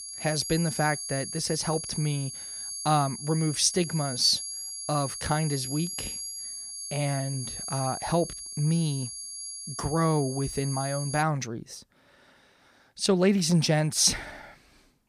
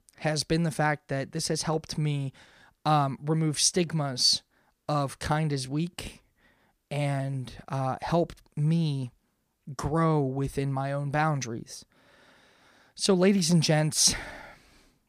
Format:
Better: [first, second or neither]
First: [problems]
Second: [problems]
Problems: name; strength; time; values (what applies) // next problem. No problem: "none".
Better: second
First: high-pitched whine; loud; until 11 s; 11 kHz, 7 dB below the speech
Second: none